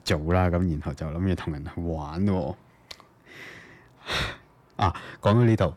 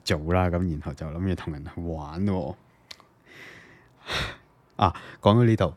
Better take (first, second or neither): second